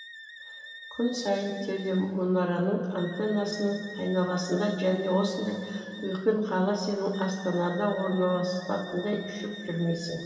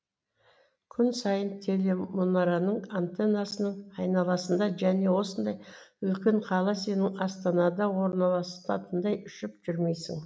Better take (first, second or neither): second